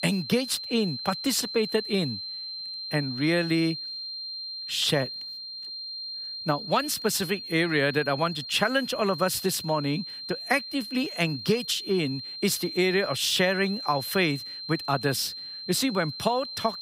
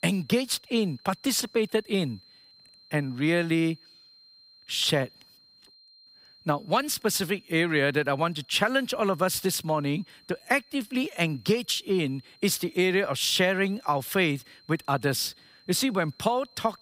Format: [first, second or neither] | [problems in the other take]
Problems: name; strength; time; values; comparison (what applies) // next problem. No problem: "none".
second | high-pitched whine; loud; throughout; 4 kHz, 8 dB below the speech; faint in the second